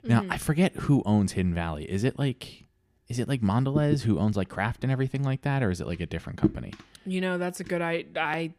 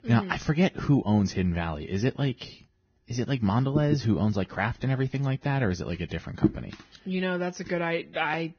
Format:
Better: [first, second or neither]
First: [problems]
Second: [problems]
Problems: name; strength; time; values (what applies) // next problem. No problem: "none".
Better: first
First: none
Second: garbled, watery; badly; nothing above 6.5 kHz